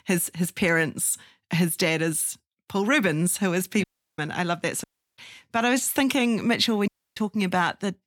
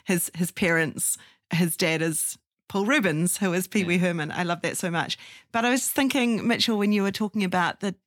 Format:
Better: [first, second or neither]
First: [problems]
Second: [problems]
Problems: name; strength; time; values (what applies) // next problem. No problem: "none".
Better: second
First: audio cutting out; at 4 s, at 5 s and at 7 s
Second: none